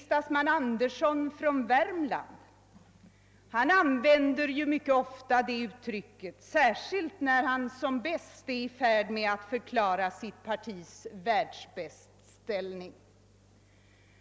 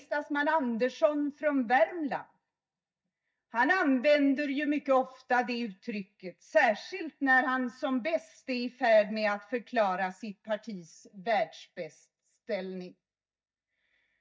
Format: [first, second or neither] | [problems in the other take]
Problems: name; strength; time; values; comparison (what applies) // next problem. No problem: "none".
first | noise reduction (neural mask model DeepFilterNet 3)